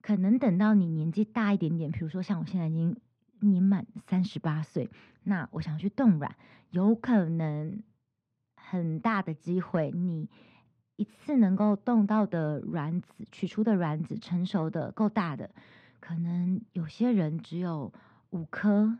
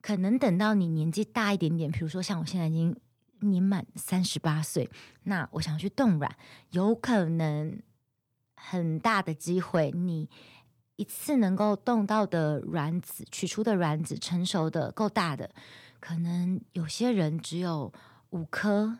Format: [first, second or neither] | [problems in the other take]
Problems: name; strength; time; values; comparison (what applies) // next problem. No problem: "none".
second | muffled; slightly; fading above 2.5 kHz